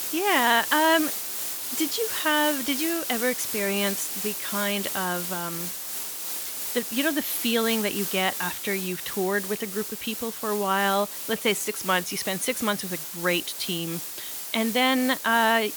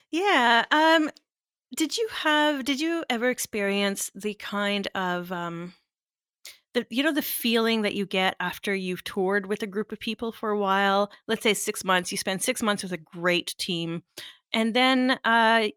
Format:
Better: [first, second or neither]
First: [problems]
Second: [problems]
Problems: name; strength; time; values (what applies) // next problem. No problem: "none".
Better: second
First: hiss; loud; throughout; 4 dB below the speech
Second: none